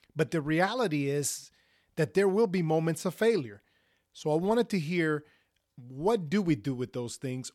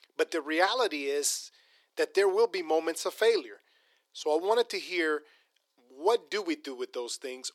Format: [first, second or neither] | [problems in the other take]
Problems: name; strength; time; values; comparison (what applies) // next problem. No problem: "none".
first | thin; very; fading below 350 Hz